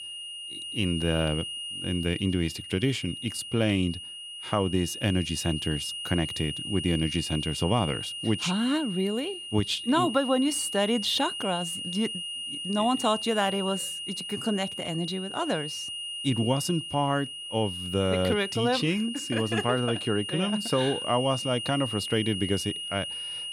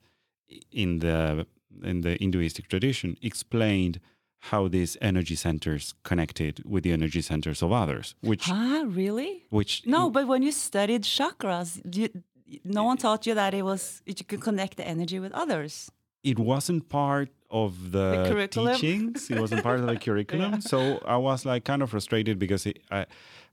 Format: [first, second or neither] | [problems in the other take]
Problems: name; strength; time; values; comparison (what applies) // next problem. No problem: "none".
second | high-pitched whine; loud; throughout; 3 kHz, 6 dB below the speech